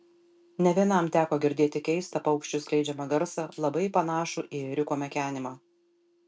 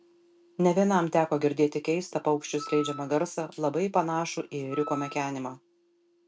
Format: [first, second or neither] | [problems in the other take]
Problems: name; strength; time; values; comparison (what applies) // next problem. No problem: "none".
first | background sound (Wind instrument, woodwind instrument); 15 dB below the speech